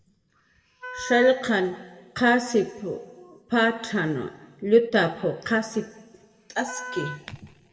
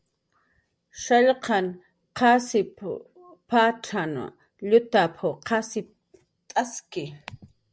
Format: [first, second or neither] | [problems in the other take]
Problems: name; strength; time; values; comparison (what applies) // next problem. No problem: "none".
second | background sound (Wind instrument, woodwind instrument); 14 dB below the speech // room echo; dies away in 1.2 s